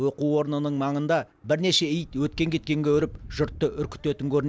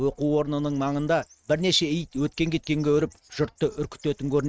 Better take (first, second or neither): first